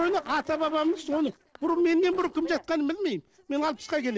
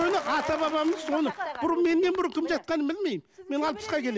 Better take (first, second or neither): second